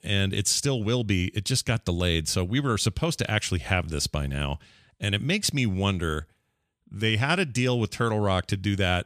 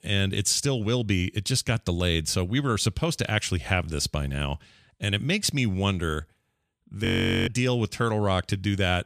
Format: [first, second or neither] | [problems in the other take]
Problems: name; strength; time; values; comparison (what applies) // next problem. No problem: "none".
first | audio freezing; at 7 s